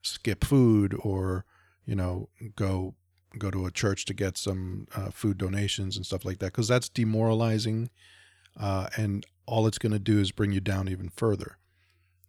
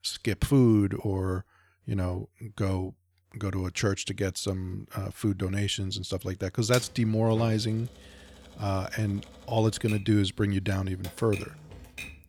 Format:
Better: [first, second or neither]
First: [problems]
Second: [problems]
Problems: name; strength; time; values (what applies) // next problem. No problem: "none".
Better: first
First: none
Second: keyboard typing; noticeable; from 6.5 s on; peak 8 dB below the speech